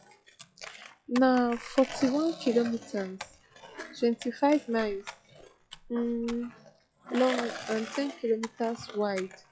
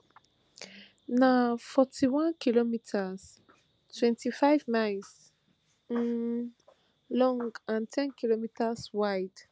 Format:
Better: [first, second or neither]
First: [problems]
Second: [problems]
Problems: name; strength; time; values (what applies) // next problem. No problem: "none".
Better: second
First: noise reduction (classical method log-MMSE)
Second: none